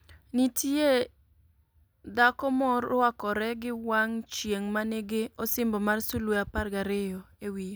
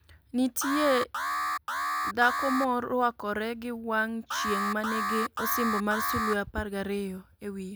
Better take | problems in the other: first | background sound (Alarm); 3 dB below the speech

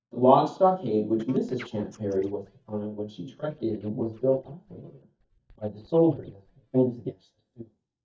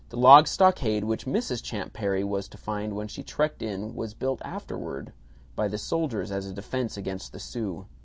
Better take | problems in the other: second | noise reduction (neural mask model DeepFilterNet 3)

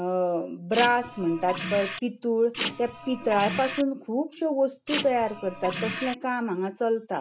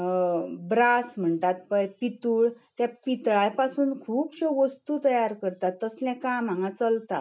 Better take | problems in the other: second | background sound (Printer); 7 dB below the speech

